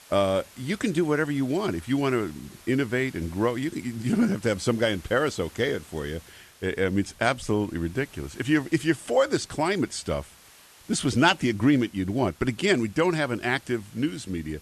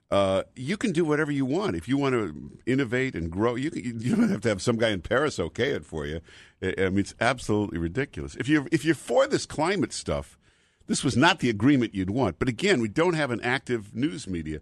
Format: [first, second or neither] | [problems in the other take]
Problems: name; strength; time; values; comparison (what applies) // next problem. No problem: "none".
second | hiss; faint; throughout; 25 dB below the speech